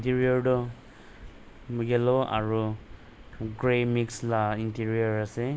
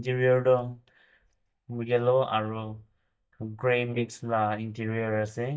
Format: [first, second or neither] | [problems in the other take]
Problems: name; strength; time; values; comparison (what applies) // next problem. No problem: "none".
first | noise reduction (neural mask model DeepFilterNet 3)